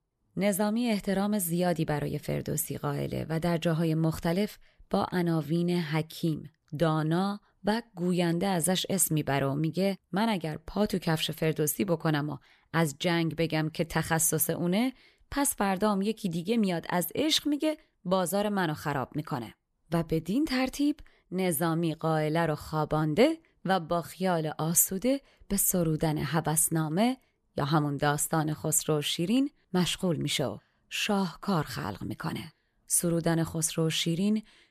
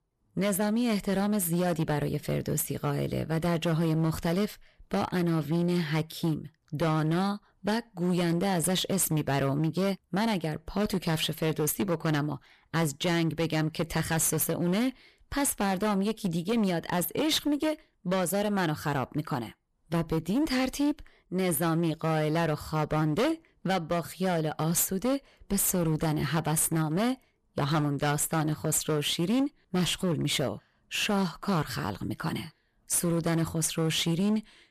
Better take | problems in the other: first | distortion; slight; 14% of the sound clipped

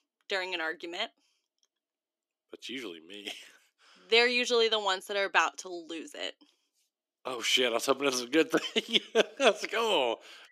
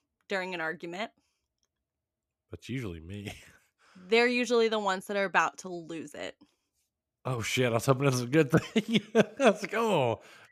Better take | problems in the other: second | thin; somewhat; fading below 300 Hz

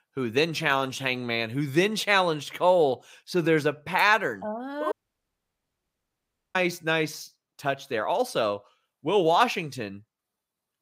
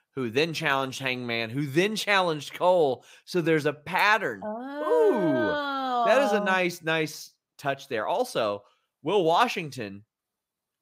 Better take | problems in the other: second | audio cutting out; at 5 s for 1.5 s

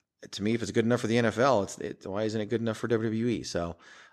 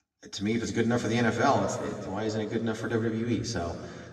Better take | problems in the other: first | room echo; slight; dies away in 2 s // off-mic speech; far

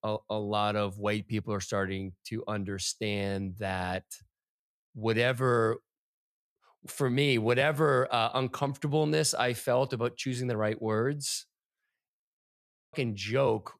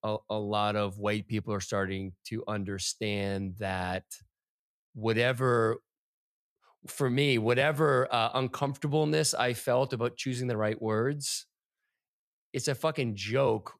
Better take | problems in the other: second | audio freezing; at 12 s for 0.5 s

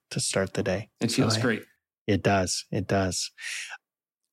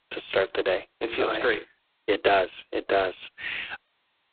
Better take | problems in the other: first | phone-call audio; poor line; nothing above 4 kHz

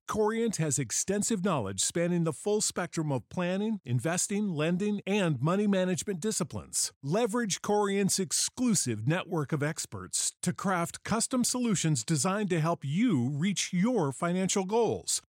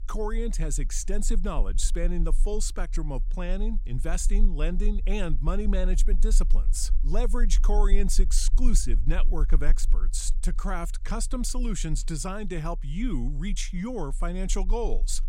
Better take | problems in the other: first | low rumble; faint; throughout; 20 dB below the speech

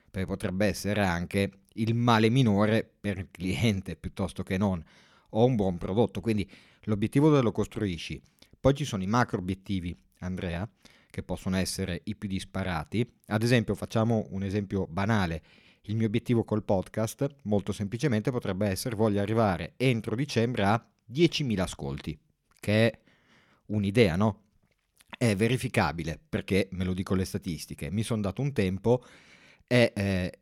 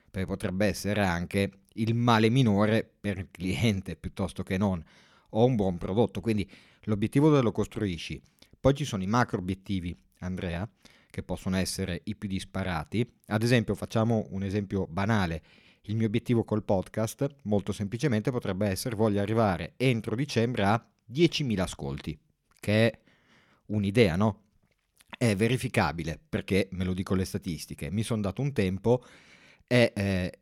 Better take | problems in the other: neither | none

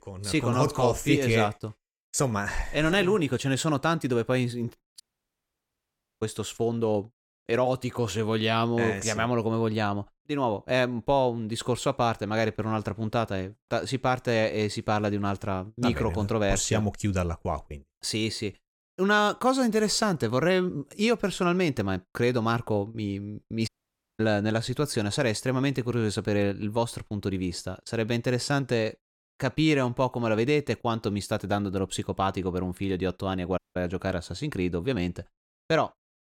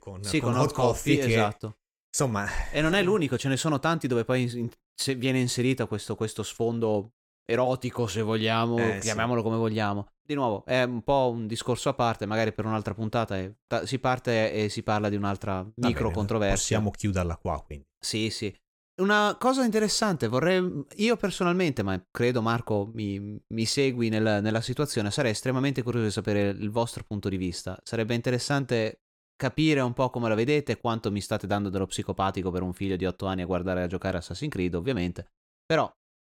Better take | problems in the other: second | audio cutting out; at 5 s for 1 s, at 24 s for 0.5 s and at 34 s

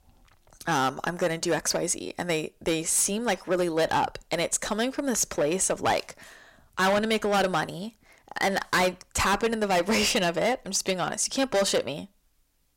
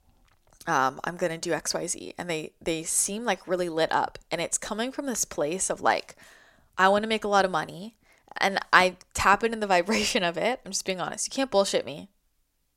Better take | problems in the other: second | distortion; heavy; 9% of the sound clipped

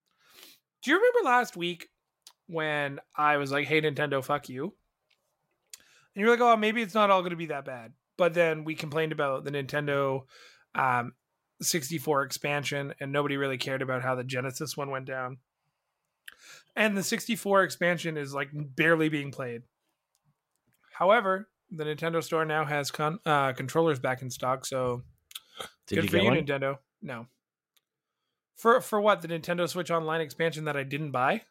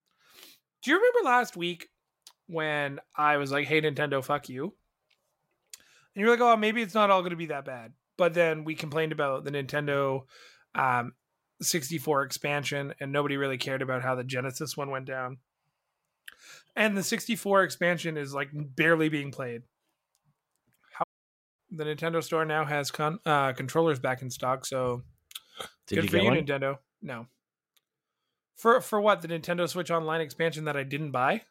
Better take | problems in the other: first | audio cutting out; at 21 s for 0.5 s

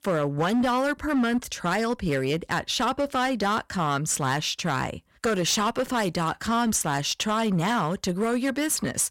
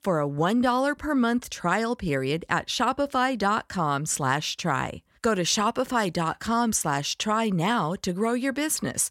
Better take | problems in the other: second | distortion; slight; 10% of the sound clipped

